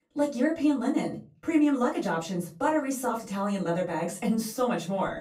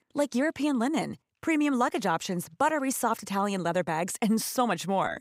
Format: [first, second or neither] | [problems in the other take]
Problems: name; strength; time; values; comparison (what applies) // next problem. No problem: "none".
second | off-mic speech; far // room echo; very slight; dies away in 0.3 s